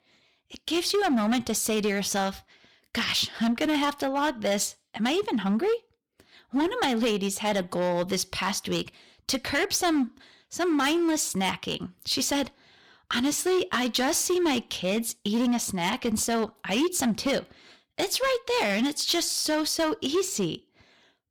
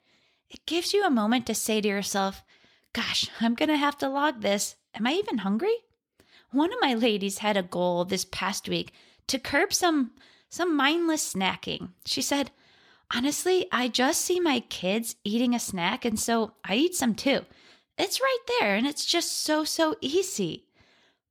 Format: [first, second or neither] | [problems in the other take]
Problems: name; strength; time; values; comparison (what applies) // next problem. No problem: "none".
second | distortion; slight; 9% of the sound clipped